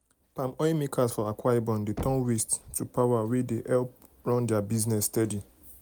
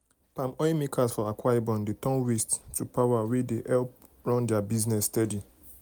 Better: second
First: background sound (Knock); 16 dB below the speech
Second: none

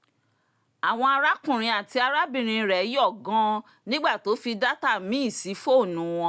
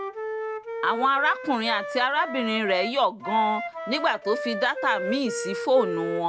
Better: first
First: none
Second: background sound (Wind instrument, woodwind instrument); 7 dB below the speech

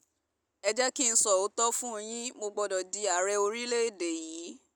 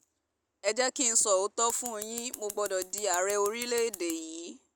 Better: first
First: none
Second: background sound (Scissors); 13 dB below the speech

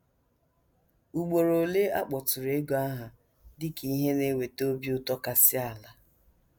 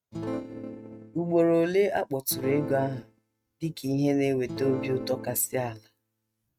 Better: first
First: none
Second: noise reduction (neural mask model RNNoise)

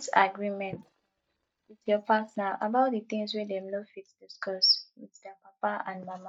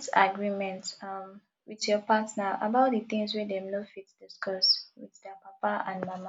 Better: second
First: noise reduction (neural mask model DeepFilterNet 3)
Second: none

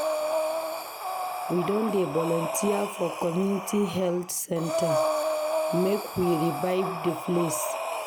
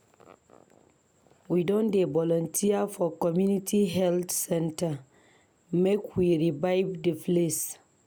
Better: second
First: background sound (Breathing); 2 dB below the speech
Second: none

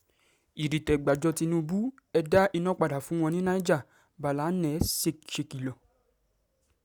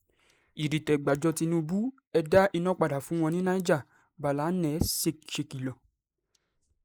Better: first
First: none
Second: noise reduction (neural mask model Resemble Enhance denoiser)

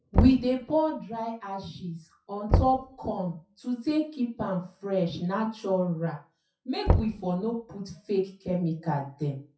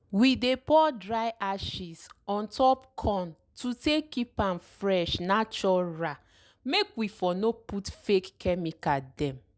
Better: second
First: noise reduction (classical method WPE with log-MMSE)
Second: none

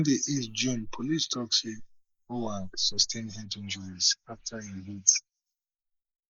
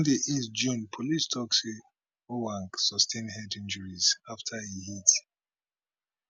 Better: second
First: noise reduction (neural mask model Resemble Enhance denoiser)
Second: none

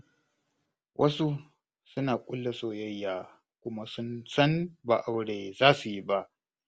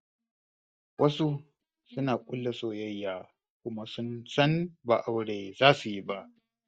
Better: first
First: none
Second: noise reduction (neural mask model DeepFilterNet 3)

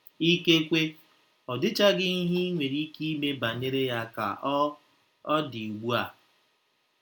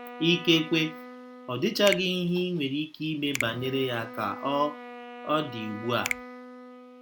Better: first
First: none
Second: background sound (Wind instrument, woodwind instrument + Finger snapping); 11 dB below the speech

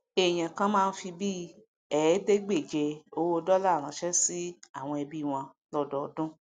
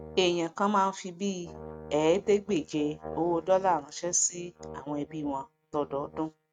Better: first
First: none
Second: noise reduction (neural mask model RNNoise)

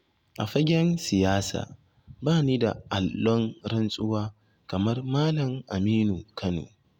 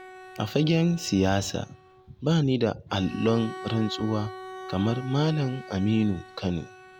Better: first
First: none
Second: background sound (Bowed string instrument); 16 dB below the speech

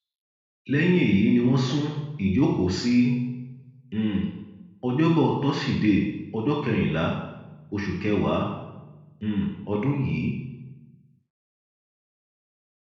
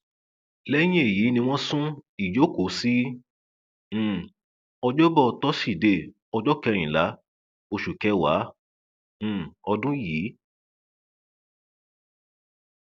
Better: second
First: room echo; dies away in 0.9 s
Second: none

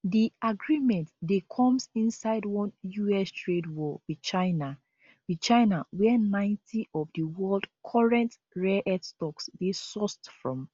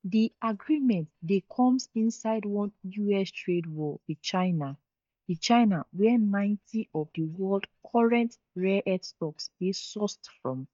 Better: first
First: none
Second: noise reduction (neural mask model DeepFilterNet 3)

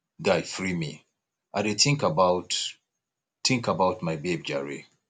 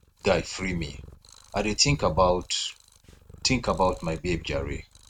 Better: first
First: none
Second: noise reduction (neural mask model RNNoise)

